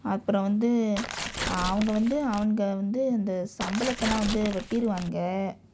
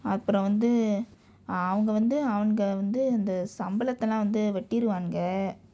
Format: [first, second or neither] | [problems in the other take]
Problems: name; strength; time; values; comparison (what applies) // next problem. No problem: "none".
second | background sound (Tearing); 7 dB below the speech